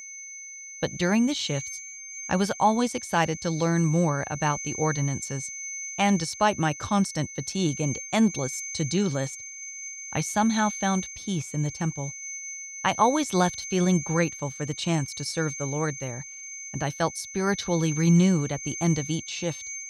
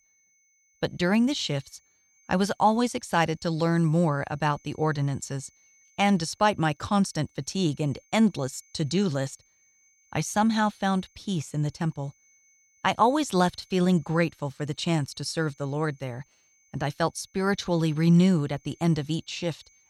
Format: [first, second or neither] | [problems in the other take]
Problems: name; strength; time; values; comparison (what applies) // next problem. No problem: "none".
second | high-pitched whine; loud; throughout; 6.5 kHz, 9 dB below the speech; faint in the second